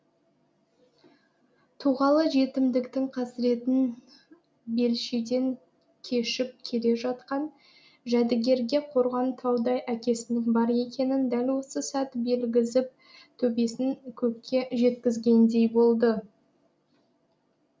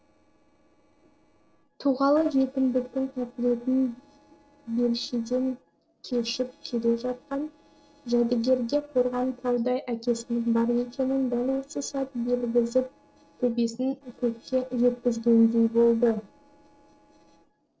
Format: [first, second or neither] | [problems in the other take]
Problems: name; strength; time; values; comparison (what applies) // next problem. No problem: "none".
first | noise reduction (neural separator model SepFormer DNS4)